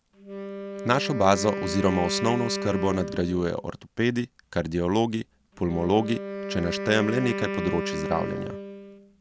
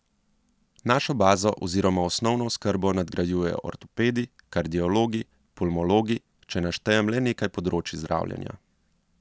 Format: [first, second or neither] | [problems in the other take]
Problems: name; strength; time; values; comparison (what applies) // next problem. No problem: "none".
second | background sound (Wind instrument, woodwind instrument); 7 dB below the speech